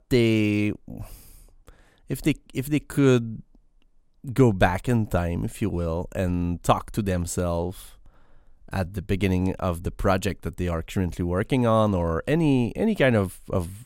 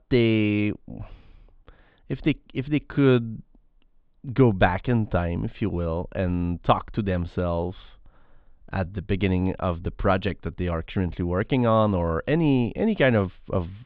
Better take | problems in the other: first | muffled; very; fading above 3.5 kHz

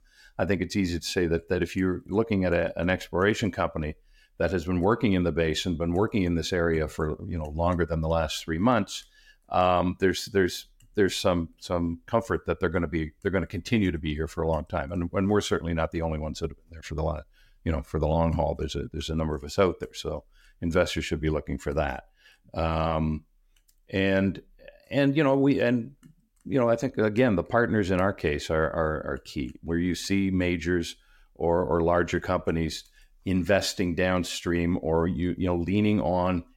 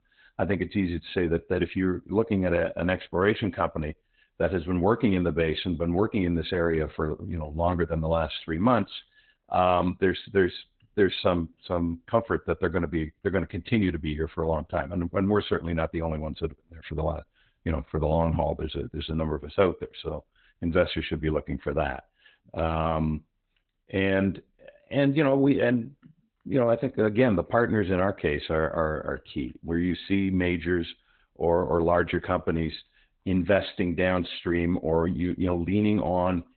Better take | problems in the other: first | garbled, watery; badly; nothing above 4 kHz

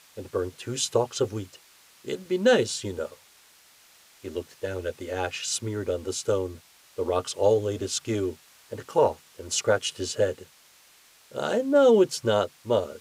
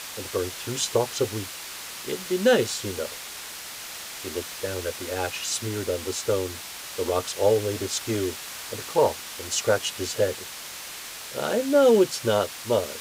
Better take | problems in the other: first | hiss; loud; throughout; 9 dB below the speech; faint in the first

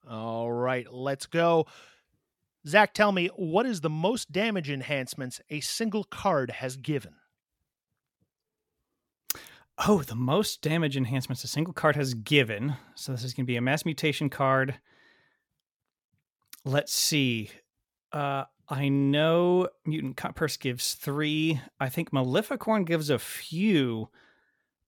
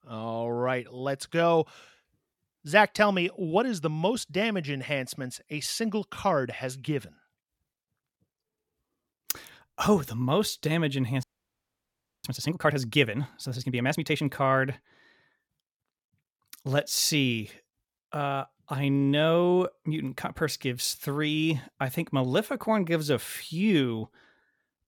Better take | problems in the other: first | audio freezing; at 11 s for 1 s

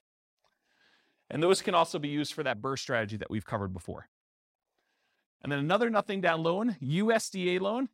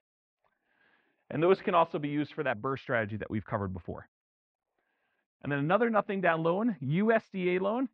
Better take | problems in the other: first | muffled; very; fading above 2.5 kHz

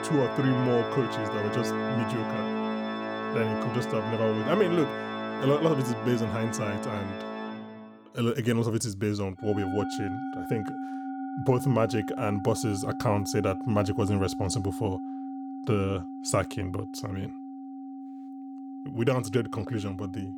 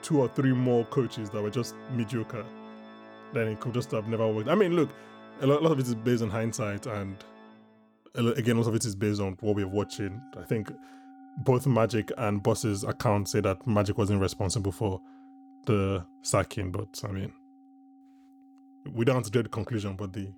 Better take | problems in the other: second | background music; loud; throughout; 5 dB below the speech; faint in the second

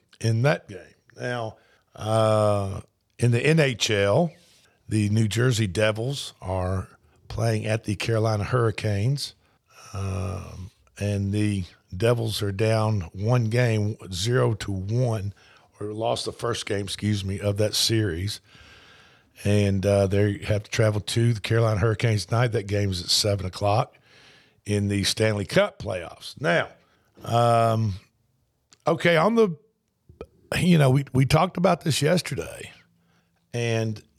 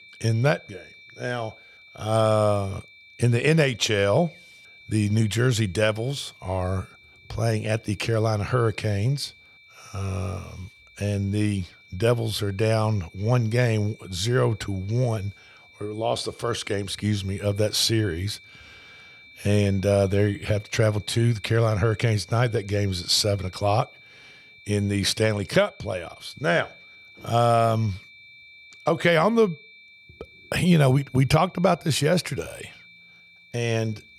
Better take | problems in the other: first | high-pitched whine; faint; throughout; 2.5 kHz, 25 dB below the speech

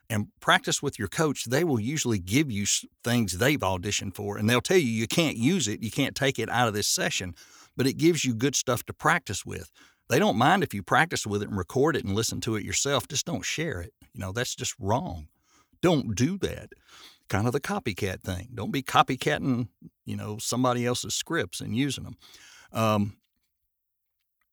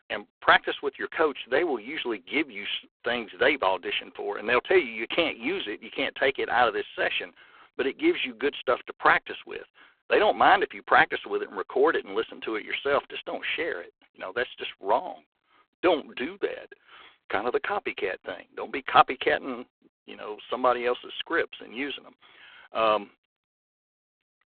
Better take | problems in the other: first | phone-call audio; poor line

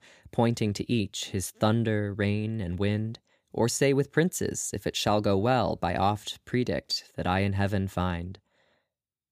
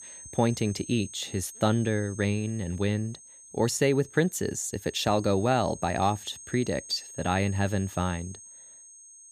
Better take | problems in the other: first | high-pitched whine; noticeable; throughout; 6.5 kHz, 15 dB below the speech

